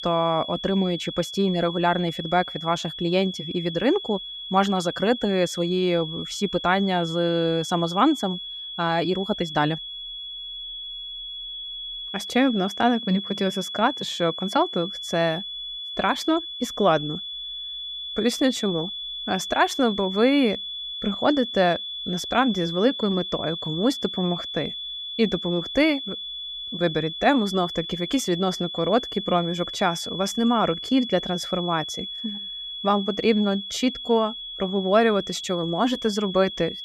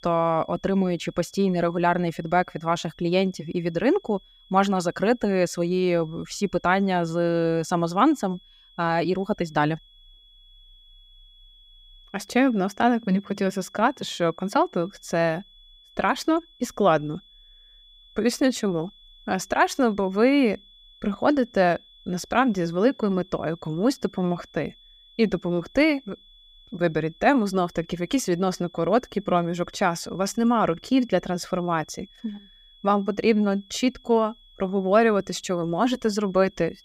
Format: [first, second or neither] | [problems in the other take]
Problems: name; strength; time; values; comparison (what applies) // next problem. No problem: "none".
second | high-pitched whine; loud; throughout; 3.5 kHz, 7 dB below the speech; faint in the second